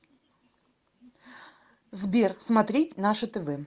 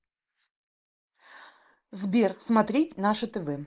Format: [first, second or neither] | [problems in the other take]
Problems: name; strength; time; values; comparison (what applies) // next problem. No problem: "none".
first | noise reduction (neural mask model Resemble Enhance denoiser)